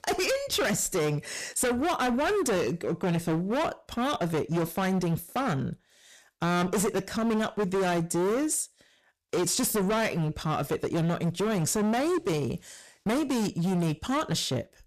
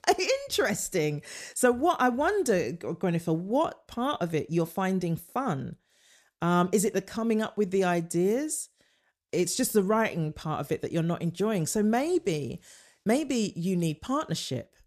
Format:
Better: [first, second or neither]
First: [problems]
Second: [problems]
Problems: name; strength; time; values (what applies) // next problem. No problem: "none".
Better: second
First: distortion; heavy; 25% of the sound clipped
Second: none